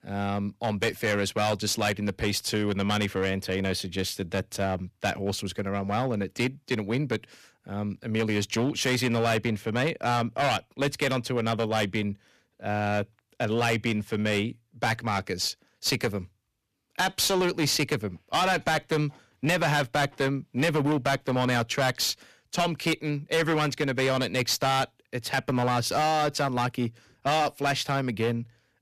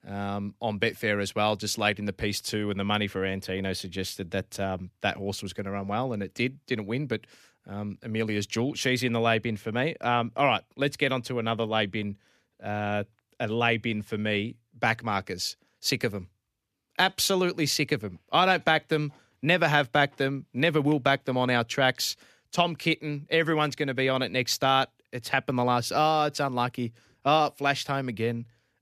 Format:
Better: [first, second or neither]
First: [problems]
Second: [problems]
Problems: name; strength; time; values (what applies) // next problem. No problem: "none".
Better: second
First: distortion; heavy; 10% of the sound clipped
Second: none